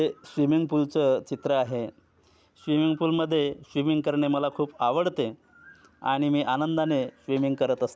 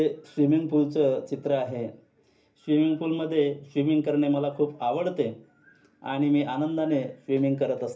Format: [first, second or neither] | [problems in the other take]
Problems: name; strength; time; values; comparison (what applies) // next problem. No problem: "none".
first | room echo; dies away in 0.3 s